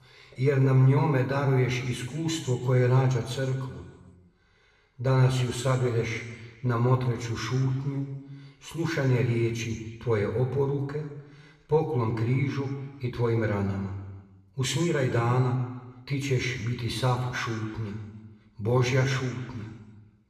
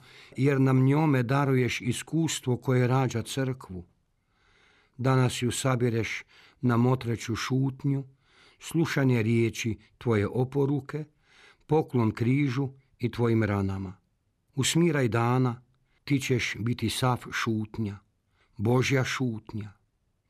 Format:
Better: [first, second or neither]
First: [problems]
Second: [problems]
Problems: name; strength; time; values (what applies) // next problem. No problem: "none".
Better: second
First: room echo; slight; dies away in 1.3 s // off-mic speech; somewhat distant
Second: none